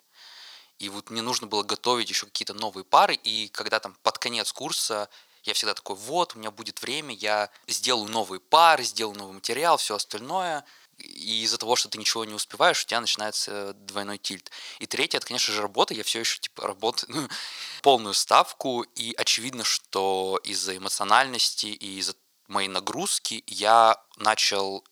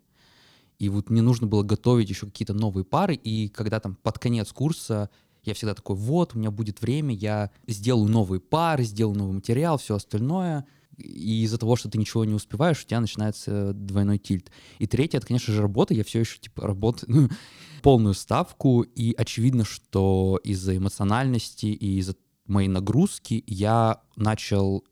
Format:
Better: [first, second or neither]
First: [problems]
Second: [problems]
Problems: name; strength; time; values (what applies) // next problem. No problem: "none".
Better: second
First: thin; very; fading below 900 Hz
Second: none